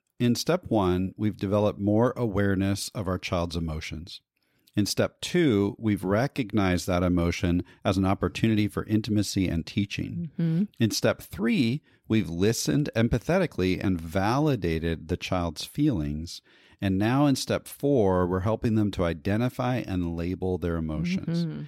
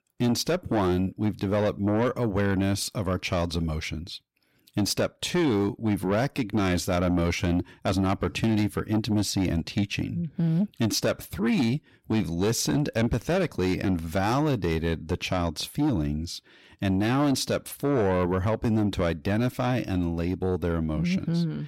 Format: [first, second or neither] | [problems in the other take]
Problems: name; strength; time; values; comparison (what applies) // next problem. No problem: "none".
first | distortion; slight; 10 dB below the speech